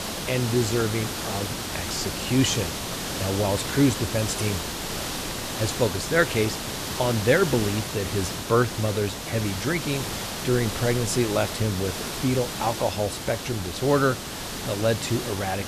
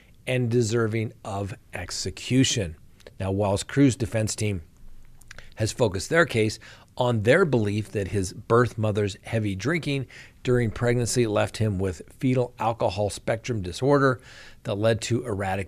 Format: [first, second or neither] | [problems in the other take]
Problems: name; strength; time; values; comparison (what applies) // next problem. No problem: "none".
second | hiss; loud; throughout; 4 dB below the speech